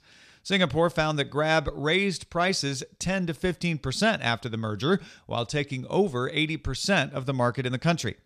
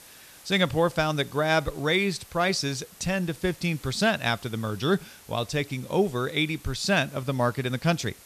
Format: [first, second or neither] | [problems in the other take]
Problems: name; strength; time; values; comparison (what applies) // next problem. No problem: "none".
first | hiss; faint; throughout; 20 dB below the speech